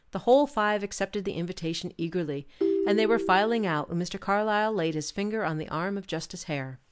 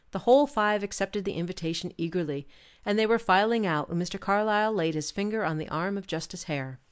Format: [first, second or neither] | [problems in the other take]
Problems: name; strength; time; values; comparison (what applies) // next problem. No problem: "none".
second | background sound (Ringtone); 2 dB below the speech